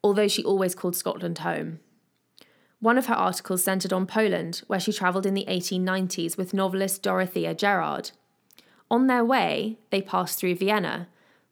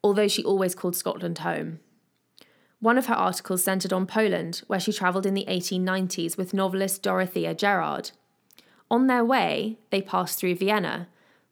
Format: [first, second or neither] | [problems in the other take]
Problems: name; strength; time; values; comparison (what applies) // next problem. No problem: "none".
neither | none